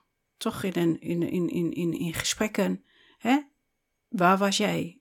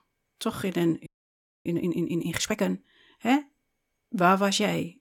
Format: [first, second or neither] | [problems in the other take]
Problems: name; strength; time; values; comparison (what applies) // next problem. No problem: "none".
first | audio freezing; at 1 s for 0.5 s